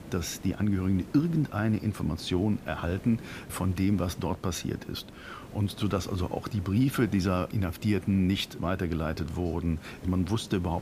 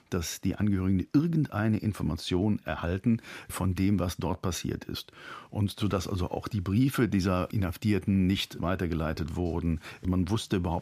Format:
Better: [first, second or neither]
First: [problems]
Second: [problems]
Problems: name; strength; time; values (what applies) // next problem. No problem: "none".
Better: second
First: hiss; noticeable; throughout; 15 dB below the speech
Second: none